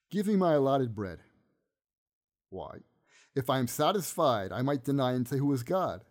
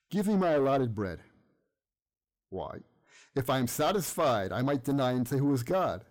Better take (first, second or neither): first